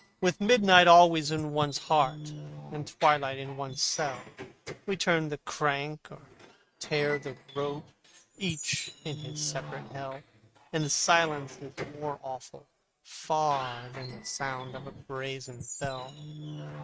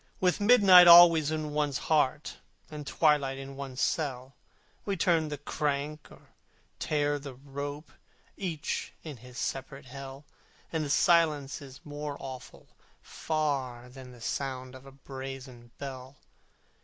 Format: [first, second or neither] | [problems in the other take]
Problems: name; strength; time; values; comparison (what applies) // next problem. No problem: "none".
second | noise reduction (neural mask model RNNoise)